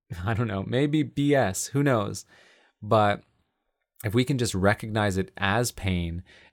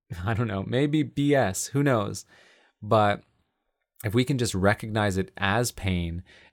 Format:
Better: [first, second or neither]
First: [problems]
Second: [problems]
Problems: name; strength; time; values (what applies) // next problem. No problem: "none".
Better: neither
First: none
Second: none